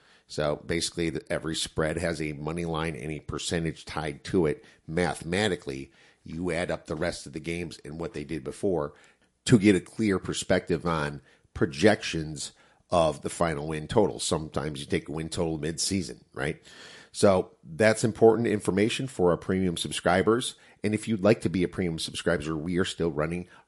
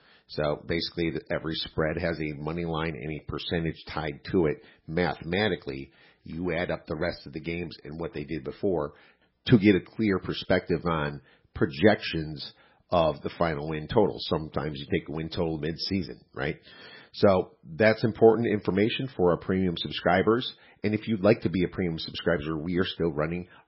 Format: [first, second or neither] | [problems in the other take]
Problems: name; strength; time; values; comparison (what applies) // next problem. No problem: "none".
first | garbled, watery; badly; nothing above 5.5 kHz; slightly in the first